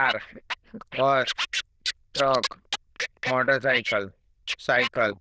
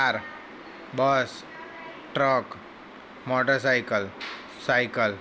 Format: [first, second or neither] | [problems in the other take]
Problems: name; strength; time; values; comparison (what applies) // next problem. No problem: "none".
second | noise reduction (neural diffusion model UNIVERSE++)